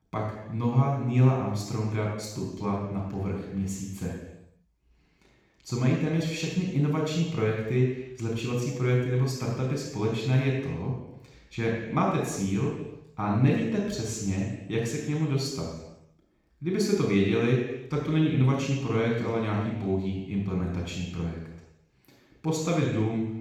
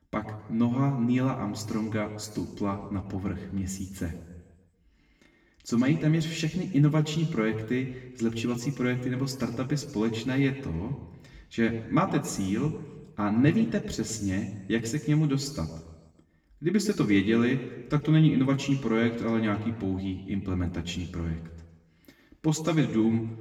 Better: second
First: room echo; strong; dies away in 0.9 s // off-mic speech; far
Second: room echo; slight; dies away in 1 s // off-mic speech; somewhat distant

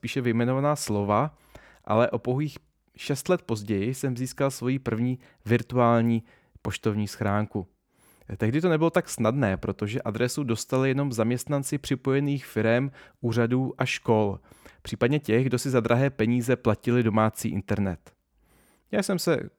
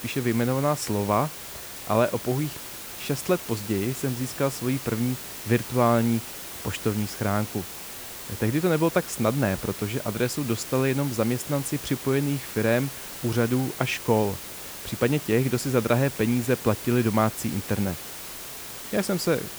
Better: first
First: none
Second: hiss; loud; throughout; 9 dB below the speech

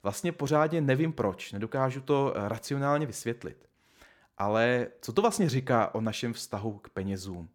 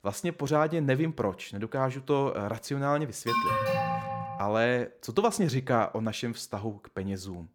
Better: first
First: none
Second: alarm; loud; from 3.5 to 4.5 s; peak 3 dB above the speech

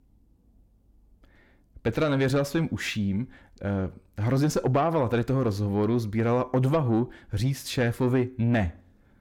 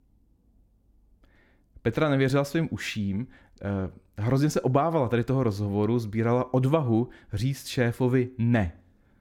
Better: second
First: distortion; slight; 10 dB below the speech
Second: none

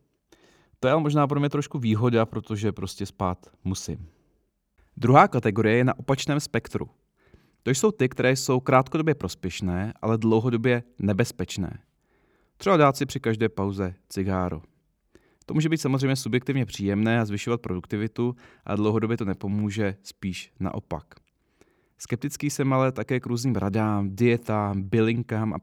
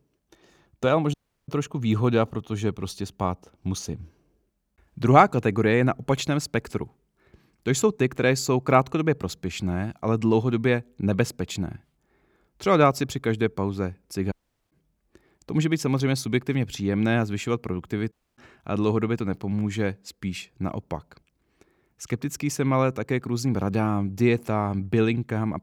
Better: first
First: none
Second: audio cutting out; at 1 s, at 14 s and at 18 s

